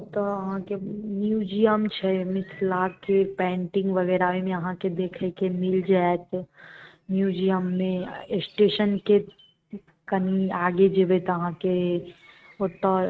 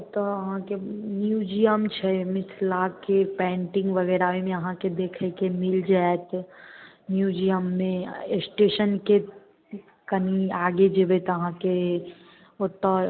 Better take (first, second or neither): second